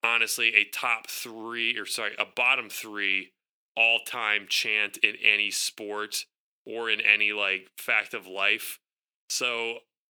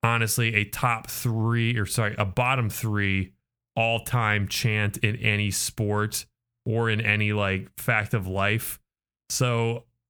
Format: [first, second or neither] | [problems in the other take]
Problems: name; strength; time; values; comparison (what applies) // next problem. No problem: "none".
second | thin; very; fading below 300 Hz